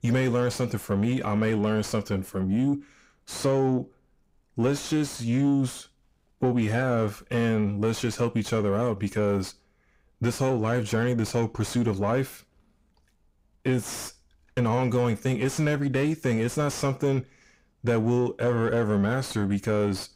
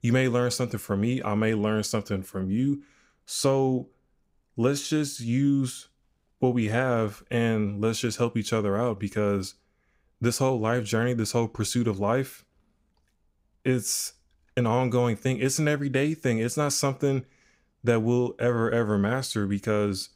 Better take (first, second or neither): second